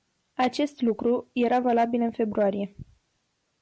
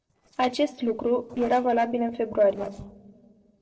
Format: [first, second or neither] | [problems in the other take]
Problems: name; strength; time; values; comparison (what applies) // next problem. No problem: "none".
first | noise reduction (neural separator model SepFormer DNS4)